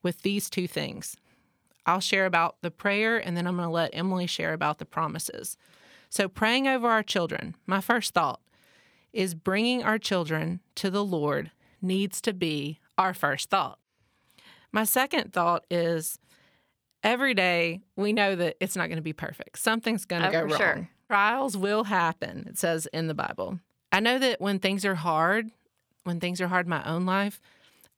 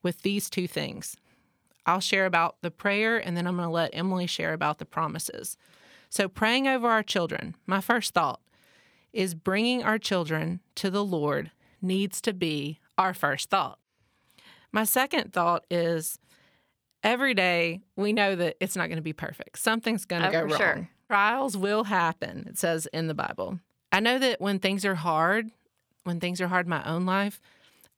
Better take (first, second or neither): neither